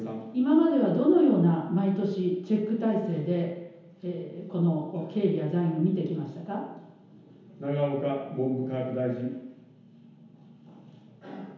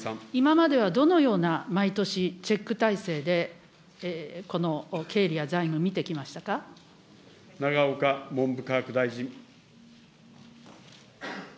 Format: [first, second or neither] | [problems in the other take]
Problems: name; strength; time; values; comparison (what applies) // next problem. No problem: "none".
second | room echo; dies away in 1 s